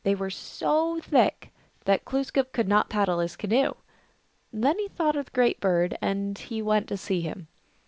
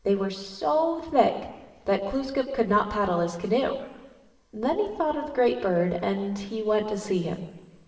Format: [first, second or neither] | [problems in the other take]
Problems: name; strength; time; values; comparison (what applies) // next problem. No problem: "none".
first | room echo; dies away in 1.2 s